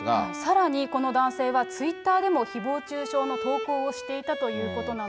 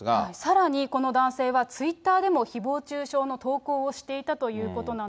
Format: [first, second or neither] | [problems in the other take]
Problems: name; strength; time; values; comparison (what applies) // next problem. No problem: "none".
second | background sound (Bowed string instrument); 10 dB below the speech